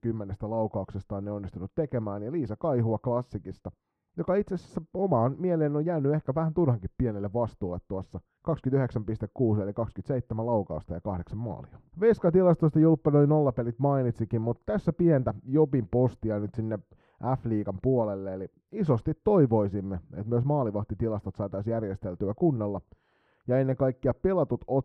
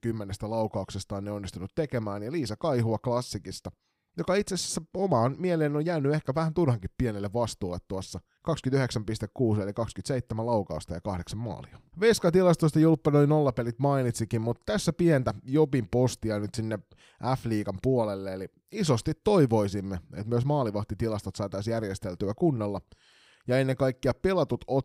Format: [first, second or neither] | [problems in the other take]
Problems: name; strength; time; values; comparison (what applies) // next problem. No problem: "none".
second | muffled; very; fading above 2.5 kHz